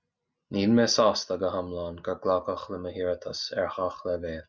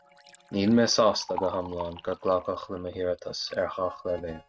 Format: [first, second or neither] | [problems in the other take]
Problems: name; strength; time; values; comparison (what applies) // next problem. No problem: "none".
first | noise reduction (neural mask model RNNoise)